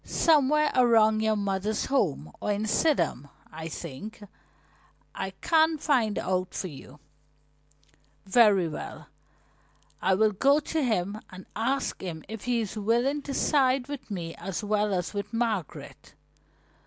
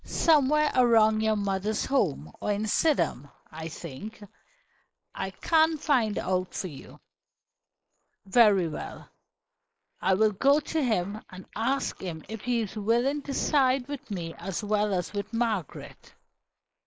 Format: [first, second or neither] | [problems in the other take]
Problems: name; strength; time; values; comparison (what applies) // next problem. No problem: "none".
first | noise reduction (neural mask model Resemble Enhance denoiser)